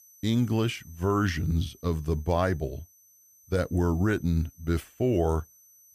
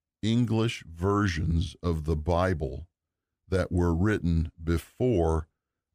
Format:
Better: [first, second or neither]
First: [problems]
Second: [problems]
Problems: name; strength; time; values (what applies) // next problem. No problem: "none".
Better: second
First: high-pitched whine; faint; throughout; 6 kHz, 25 dB below the speech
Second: none